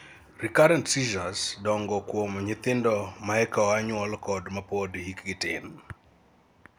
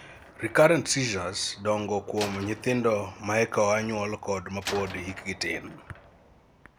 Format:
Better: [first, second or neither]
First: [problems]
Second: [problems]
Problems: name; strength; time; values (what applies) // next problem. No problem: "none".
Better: first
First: none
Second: background sound (Slam); 17 dB below the speech